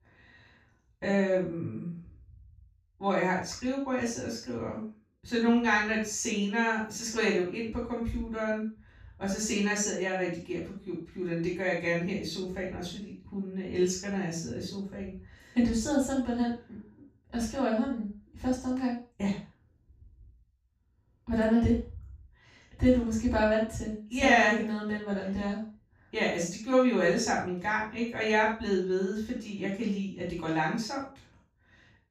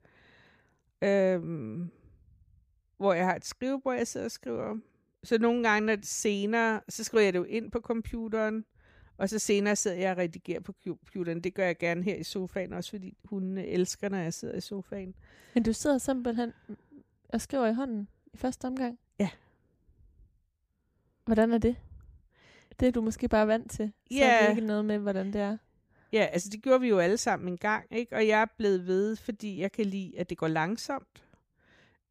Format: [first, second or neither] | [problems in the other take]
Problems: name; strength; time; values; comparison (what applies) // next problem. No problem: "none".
second | room echo; noticeable; dies away in 0.3 s // off-mic speech; far